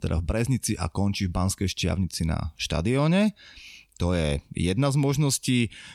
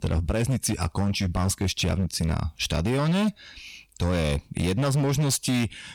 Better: first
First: none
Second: distortion; slight; 16% of the sound clipped

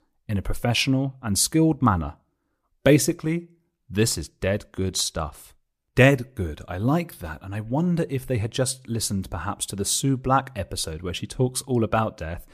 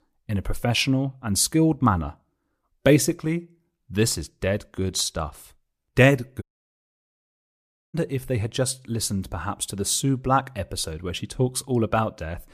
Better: first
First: none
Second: audio cutting out; at 6.5 s for 1.5 s

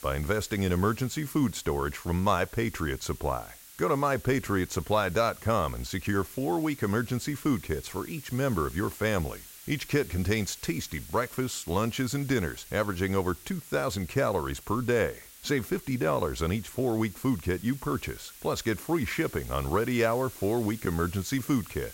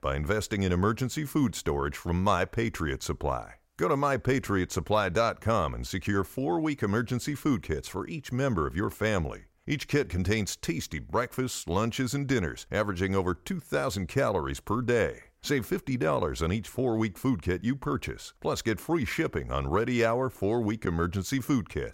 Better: second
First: hiss; noticeable; throughout; 15 dB below the speech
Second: none

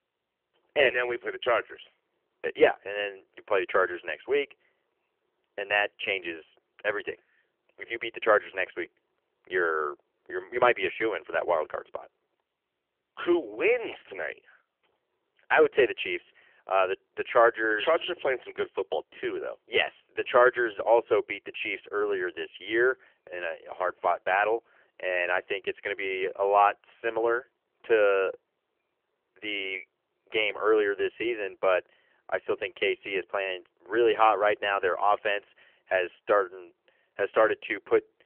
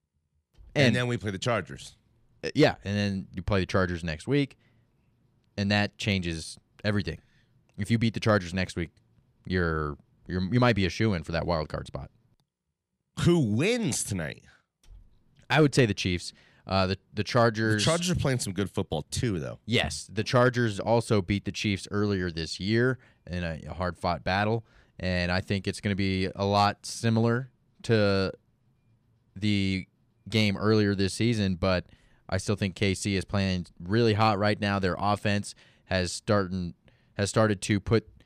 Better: second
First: phone-call audio; nothing above 3 kHz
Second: none

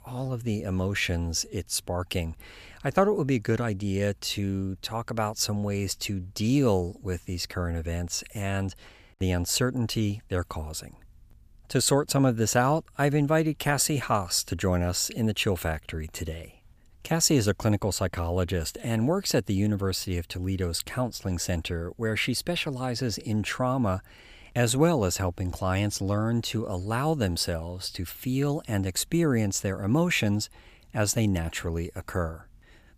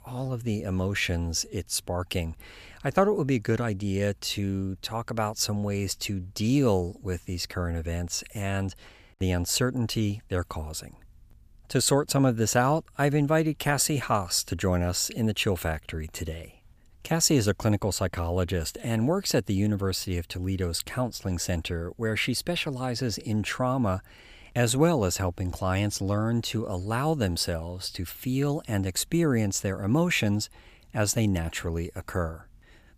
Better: neither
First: none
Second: none

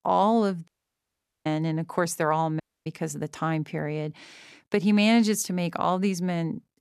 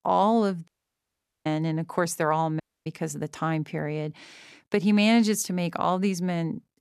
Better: neither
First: audio cutting out; at 0.5 s for 1 s and at 2.5 s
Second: audio cutting out; at 0.5 s for 1 s and at 2.5 s

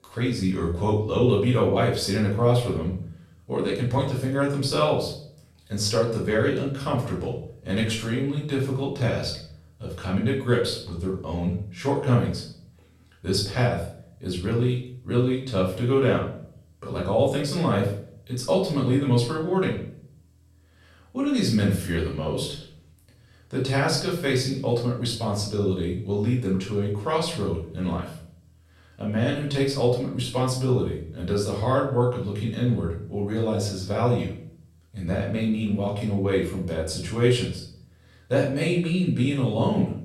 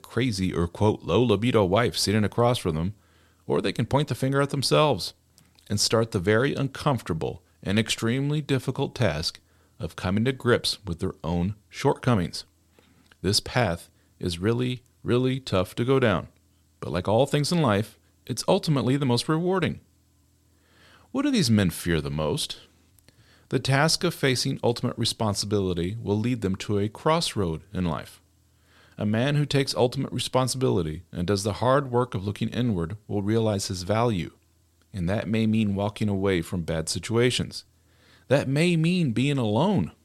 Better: second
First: room echo; noticeable; dies away in 0.5 s // off-mic speech; far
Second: none

